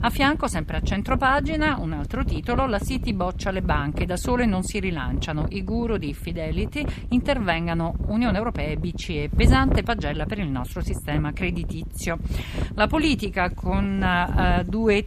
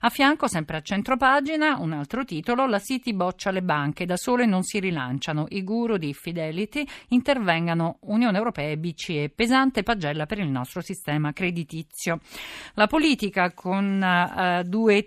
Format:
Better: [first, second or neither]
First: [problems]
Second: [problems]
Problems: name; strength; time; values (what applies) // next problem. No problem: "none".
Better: second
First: wind noise on the microphone; occasional gusts; 15 dB below the speech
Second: none